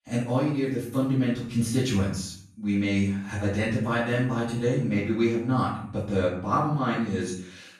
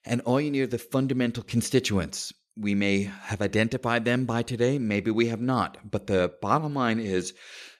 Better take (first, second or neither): second